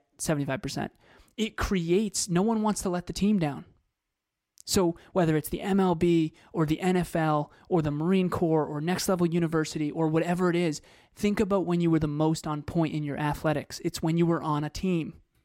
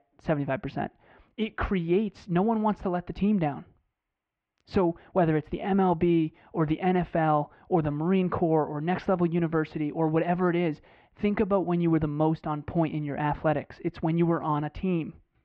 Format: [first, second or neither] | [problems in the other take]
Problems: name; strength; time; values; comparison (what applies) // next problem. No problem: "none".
first | muffled; very; fading above 3 kHz